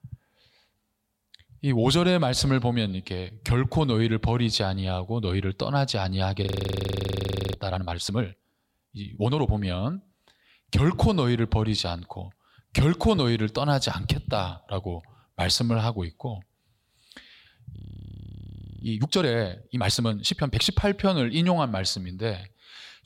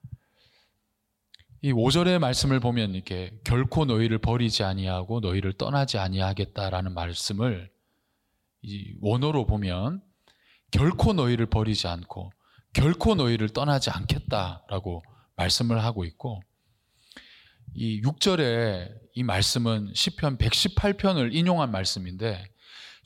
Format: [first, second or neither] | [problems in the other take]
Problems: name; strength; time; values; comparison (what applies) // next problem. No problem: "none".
second | audio freezing; at 6.5 s for 1 s and at 18 s for 1 s